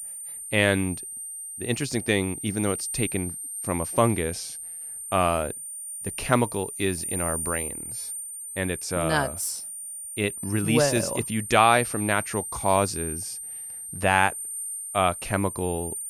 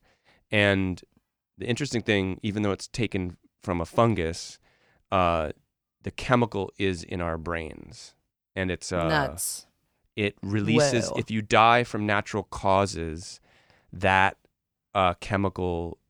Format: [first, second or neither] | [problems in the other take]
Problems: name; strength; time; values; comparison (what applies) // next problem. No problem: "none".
second | high-pitched whine; loud; throughout; 9 kHz, 6 dB below the speech